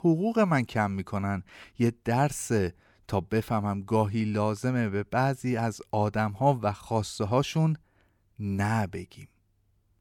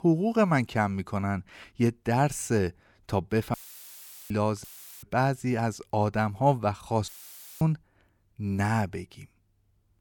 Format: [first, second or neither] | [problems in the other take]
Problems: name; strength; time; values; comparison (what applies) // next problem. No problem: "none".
first | audio cutting out; filled with static; at 3.5 s for 1 s, at 4.5 s and at 7 s for 0.5 s